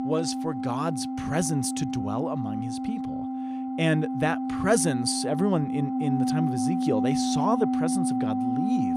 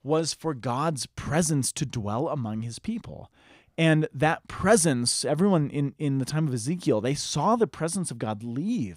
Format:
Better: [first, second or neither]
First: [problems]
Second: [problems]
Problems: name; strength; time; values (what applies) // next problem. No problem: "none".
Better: second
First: background music; loud; throughout; 1 dB below the speech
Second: none